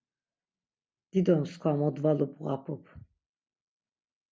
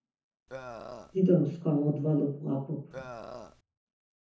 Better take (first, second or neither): first